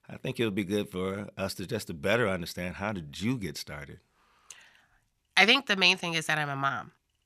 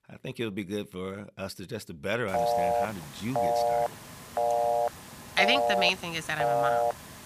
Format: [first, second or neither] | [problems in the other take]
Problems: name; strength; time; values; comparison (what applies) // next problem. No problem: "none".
first | phone ringing; loud; from 2.5 s on; peak 5 dB above the speech